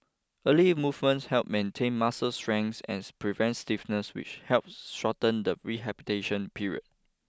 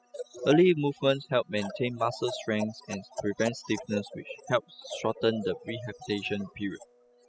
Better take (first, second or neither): first